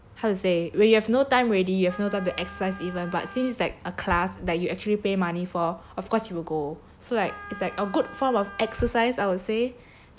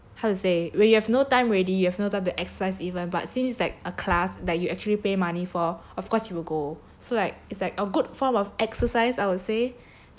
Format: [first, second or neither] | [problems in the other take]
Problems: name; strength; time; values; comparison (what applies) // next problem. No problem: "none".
second | background sound (Wind instrument, woodwind instrument); 17 dB below the speech